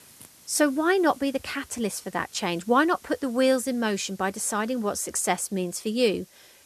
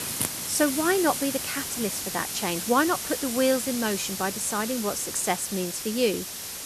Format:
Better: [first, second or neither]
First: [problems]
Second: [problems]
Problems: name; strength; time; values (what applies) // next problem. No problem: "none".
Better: first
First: hiss; faint; throughout; 25 dB below the speech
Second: hiss; loud; throughout; 4 dB below the speech